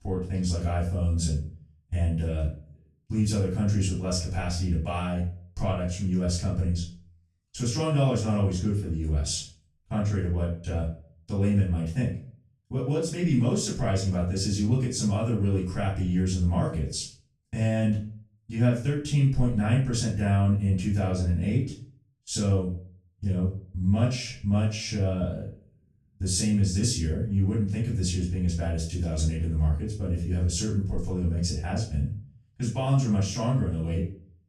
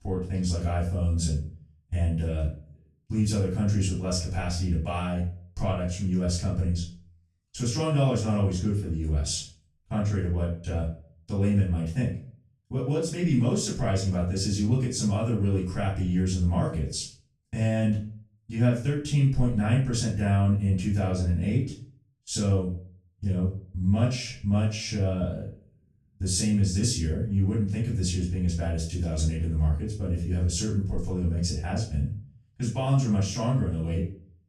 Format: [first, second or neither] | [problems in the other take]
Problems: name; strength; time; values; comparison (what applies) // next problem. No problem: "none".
neither | room echo; noticeable; dies away in 0.4 s; the same in both // off-mic speech; far; the same in both